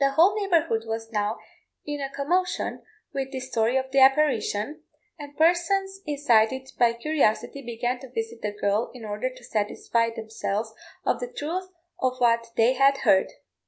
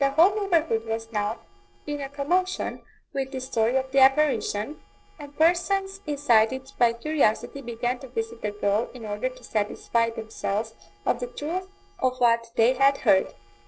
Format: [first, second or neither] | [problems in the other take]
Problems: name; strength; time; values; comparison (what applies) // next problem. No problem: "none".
first | noise reduction (neural separator model SepFormer DNS4)